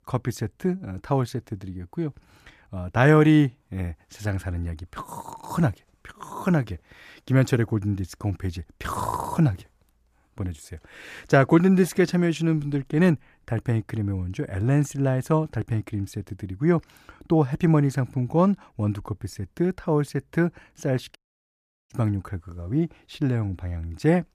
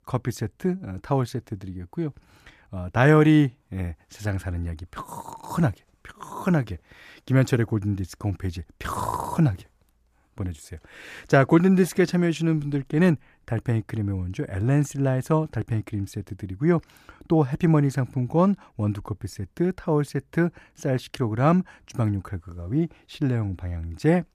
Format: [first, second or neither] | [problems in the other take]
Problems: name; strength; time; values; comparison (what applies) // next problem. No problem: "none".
second | audio cutting out; at 21 s for 0.5 s